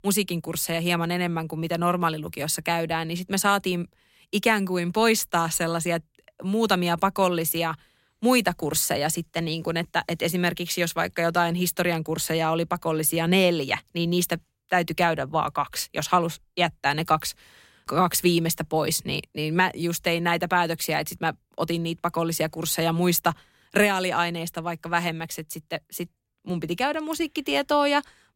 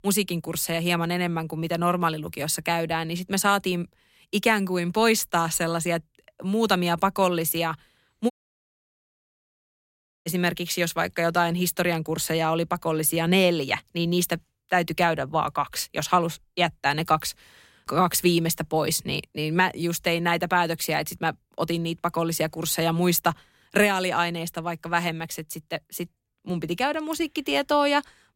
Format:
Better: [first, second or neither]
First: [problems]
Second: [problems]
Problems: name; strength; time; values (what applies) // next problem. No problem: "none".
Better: first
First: none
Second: audio cutting out; at 8.5 s for 2 s